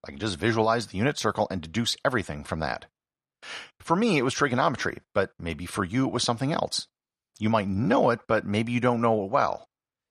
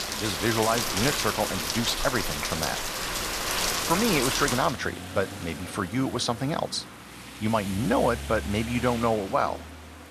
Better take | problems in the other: first | rain or running water; loud; throughout; 2 dB below the speech

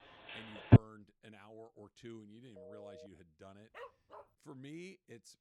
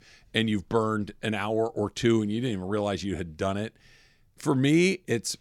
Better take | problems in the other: second | phone ringing; loud; at 0.5 s and at 2.5 s; peak 30 dB above the speech // dog barking; loud; at 3.5 s; peak 1 dB above the speech

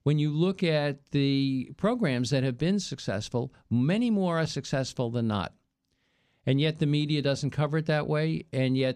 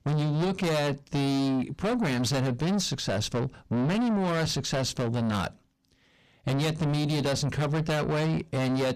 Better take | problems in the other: first | distortion; heavy; 6 dB below the speech

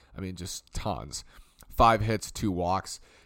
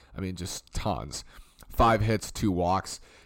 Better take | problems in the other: first | distortion; slight; 10 dB below the speech

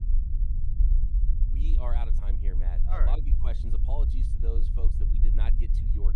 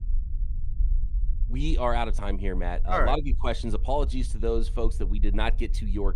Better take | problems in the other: second | low rumble; loud; throughout; 5 dB below the speech; faint in the second

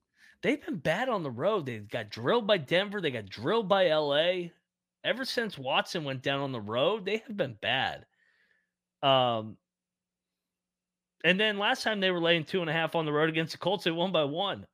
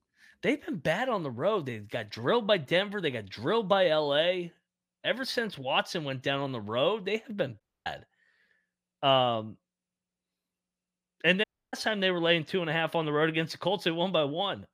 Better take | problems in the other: first | audio cutting out; at 7.5 s and at 11 s

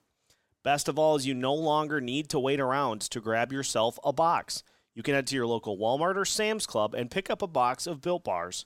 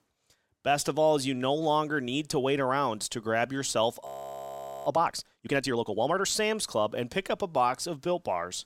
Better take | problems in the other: first | audio freezing; at 4 s for 1 s

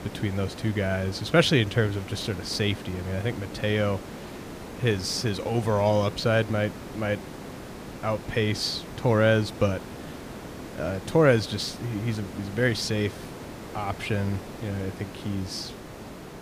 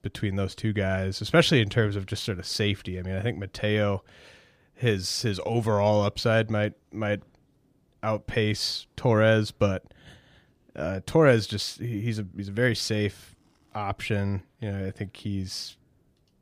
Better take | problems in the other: second | hiss; noticeable; throughout; 15 dB below the speech

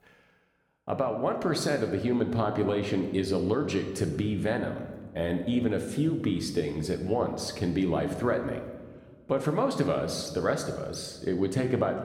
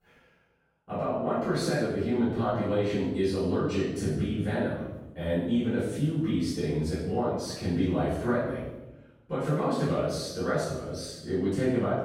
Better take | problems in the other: first | room echo; strong; dies away in 0.9 s; slight in the first // off-mic speech; far

